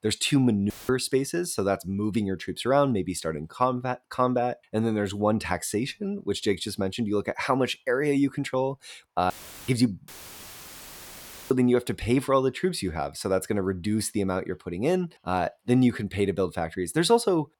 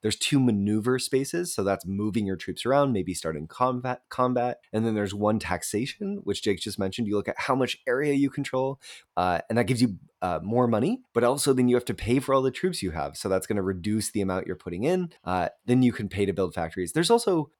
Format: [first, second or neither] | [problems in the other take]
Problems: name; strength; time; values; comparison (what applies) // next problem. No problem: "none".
second | audio cutting out; filled with static; at 0.5 s, at 9.5 s and at 10 s for 1.5 s